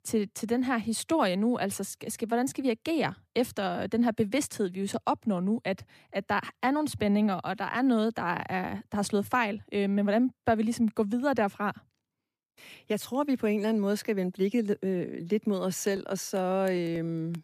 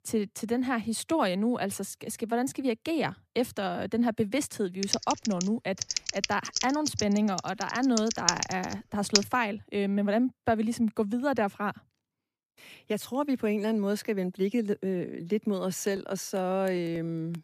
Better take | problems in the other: first | keyboard typing; loud; from 5 to 9 s; peak 3 dB above the speech

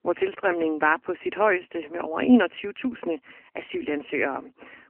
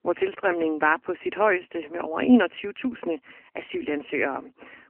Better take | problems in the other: neither | phone-call audio; nothing above 3 kHz; the same in both

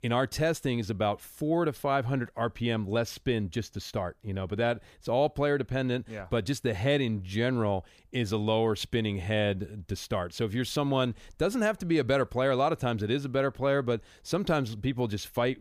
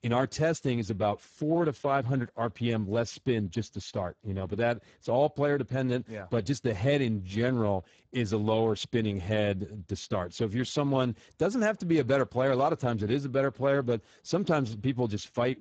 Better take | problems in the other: first | garbled, watery; badly; nothing above 7.5 kHz

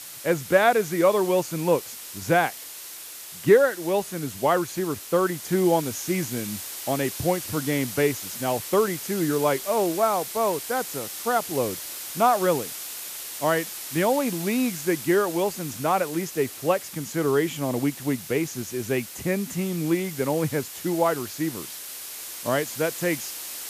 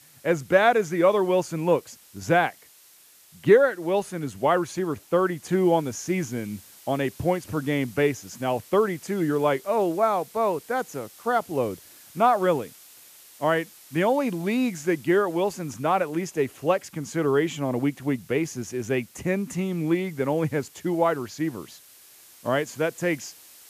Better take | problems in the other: second | hiss; loud; throughout; 9 dB below the speech; faint in the second

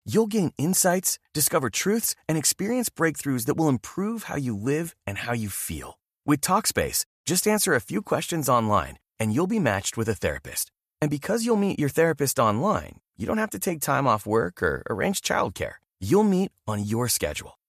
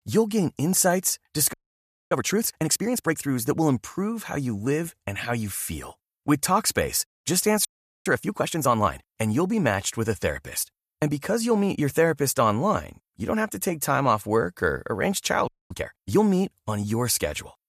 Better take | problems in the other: first | audio freezing; at 1.5 s for 0.5 s, at 7.5 s and at 15 s

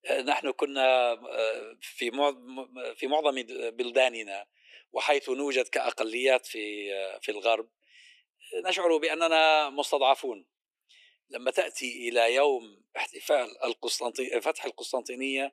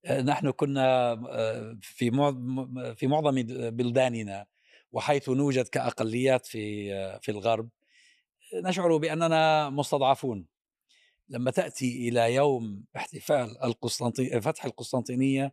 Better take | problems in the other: second | thin; somewhat; fading below 350 Hz

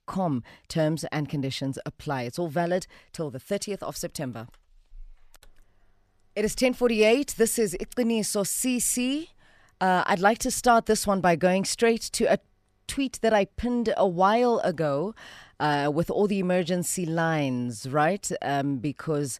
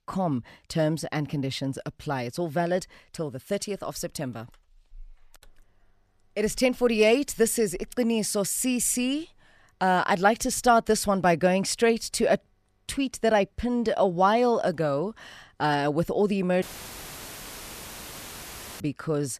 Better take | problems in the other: first | audio cutting out; filled with static; at 17 s for 2 s

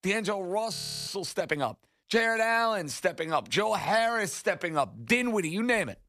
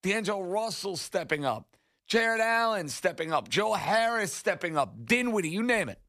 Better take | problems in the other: second | audio freezing; at 1 s

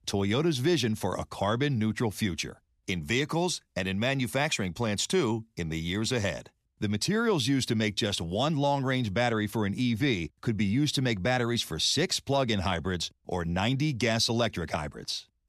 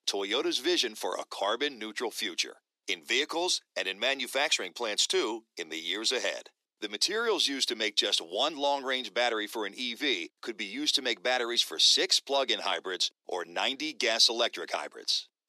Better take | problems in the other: first | thin; very; fading below 350 Hz

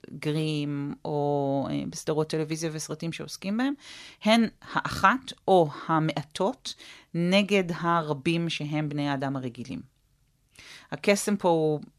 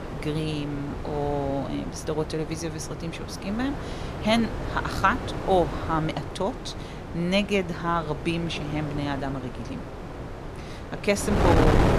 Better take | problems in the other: first | wind noise on the microphone; heavy; 6 dB below the speech

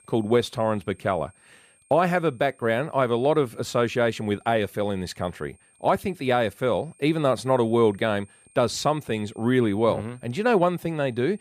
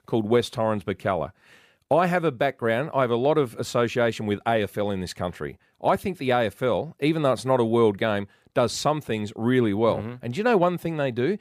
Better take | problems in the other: second | high-pitched whine; faint; throughout; 8.5 kHz, 30 dB below the speech

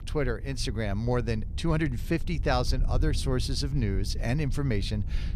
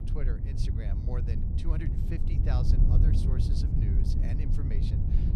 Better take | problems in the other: first | wind noise on the microphone; heavy; 2 dB above the speech; occasional gusts in the first

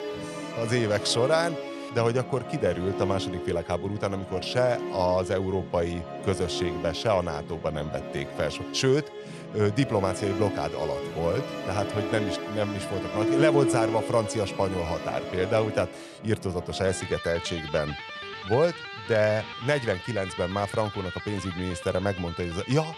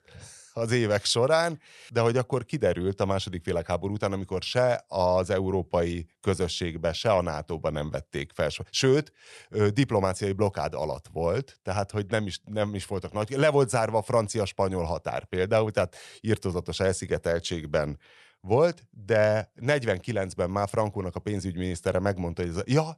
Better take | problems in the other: second | background music; loud; throughout; 6 dB below the speech

